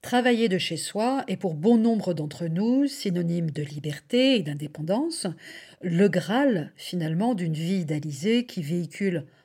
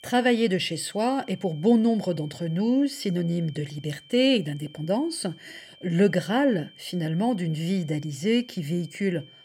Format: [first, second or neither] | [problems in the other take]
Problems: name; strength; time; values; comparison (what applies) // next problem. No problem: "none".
first | high-pitched whine; faint; throughout; 3 kHz, 25 dB below the speech